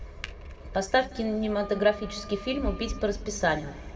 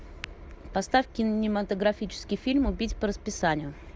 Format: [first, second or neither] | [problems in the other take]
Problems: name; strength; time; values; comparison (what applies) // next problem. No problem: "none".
second | background sound (Wind instrument, woodwind instrument); 18 dB below the speech // room echo; dies away in 1.4 s